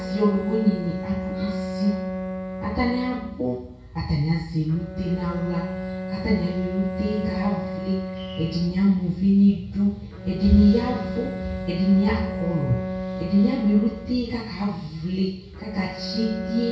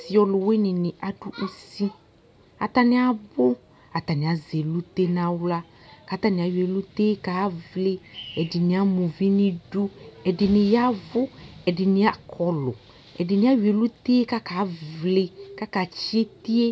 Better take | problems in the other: second | background sound (Bowed string instrument); 8 dB below the speech // room echo; dies away in 0.6 s

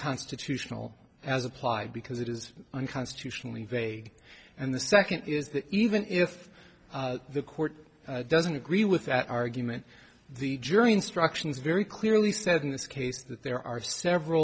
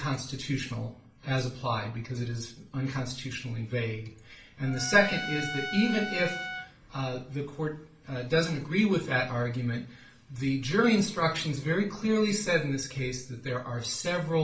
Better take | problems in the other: first | background sound (Trumpet); 9 dB below the speech // room echo; dies away in 0.4 s

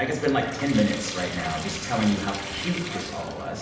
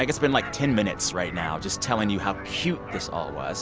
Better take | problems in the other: second | background sound (Trickle, dribble / Sink (filling or washing) / Water tap, faucet); 10 dB below the speech // room echo; dies away in 0.8 s

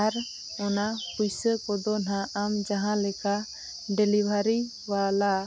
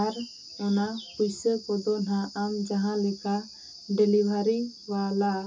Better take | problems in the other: first | room echo; dies away in 0.2 s

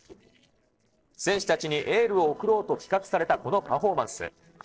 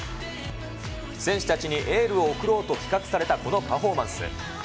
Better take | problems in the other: second | noise reduction (neural separator model SepFormer DNS4)

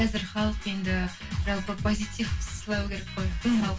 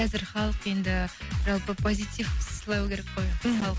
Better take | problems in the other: second | room echo; dies away in 0.2 s

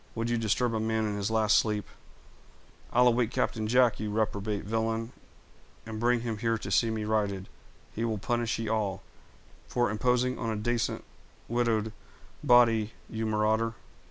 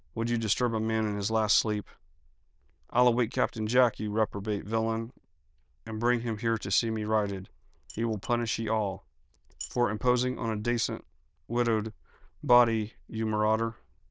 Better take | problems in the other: first | noise reduction (neural diffusion model UNIVERSE++)

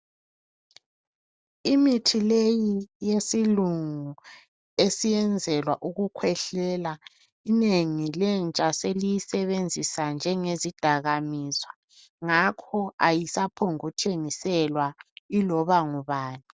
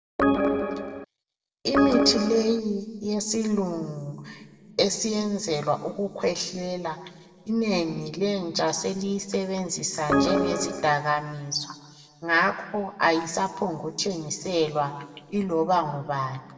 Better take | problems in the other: first | background sound (Organ); 3 dB above the speech // room echo; dies away in 1.5 s

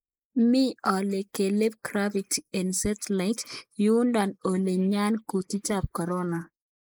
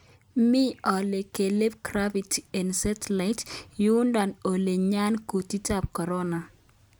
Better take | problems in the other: second | noise reduction (neural mask model Resemble Enhance denoiser)

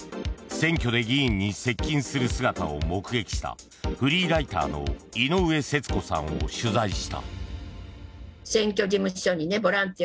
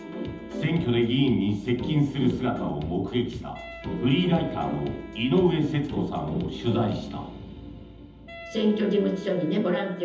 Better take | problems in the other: first | background sound (Wind instrument, woodwind instrument); 20 dB below the speech // room echo; dies away in 0.8 s

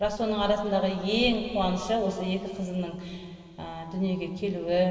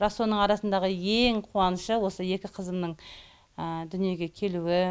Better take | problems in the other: second | room echo; dies away in 2.5 s

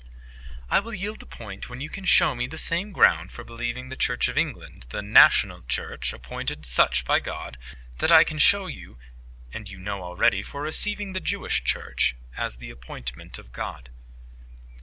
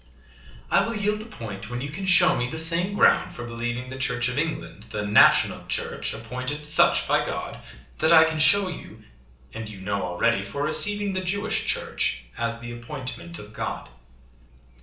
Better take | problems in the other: first | room echo; dies away in 0.8 s

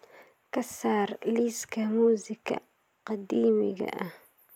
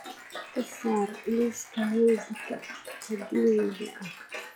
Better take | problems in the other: first | noise reduction (classical method log-MMSE)

